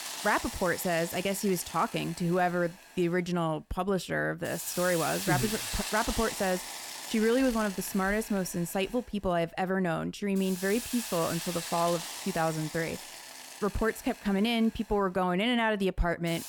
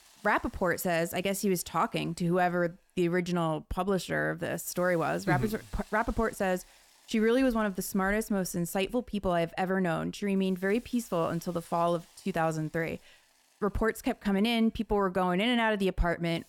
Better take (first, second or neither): second